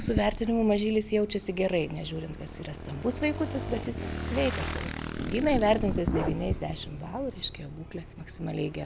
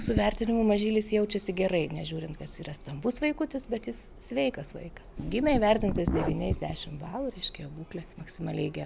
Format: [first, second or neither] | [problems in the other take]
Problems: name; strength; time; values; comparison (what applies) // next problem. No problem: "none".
second | background sound (Motorcycle / Engine); 9 dB below the speech